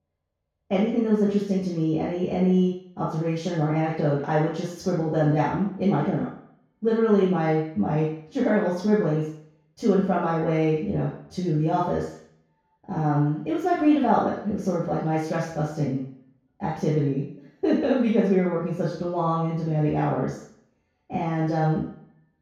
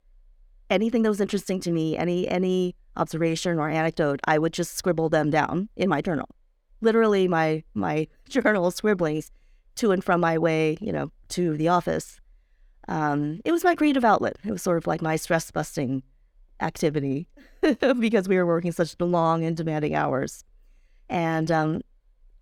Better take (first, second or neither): second